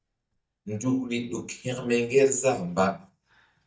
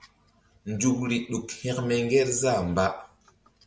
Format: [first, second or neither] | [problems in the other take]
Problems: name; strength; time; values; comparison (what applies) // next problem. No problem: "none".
second | noise reduction (neural mask model DeepFilterNet 3)